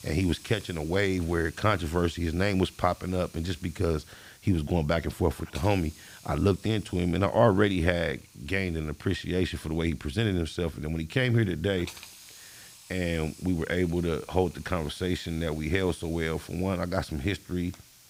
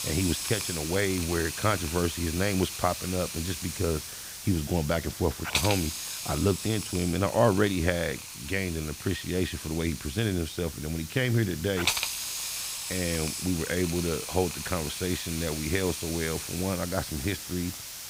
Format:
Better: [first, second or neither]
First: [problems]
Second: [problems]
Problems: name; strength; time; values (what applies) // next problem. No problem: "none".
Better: first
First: hiss; faint; throughout; 20 dB below the speech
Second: hiss; loud; throughout; 4 dB below the speech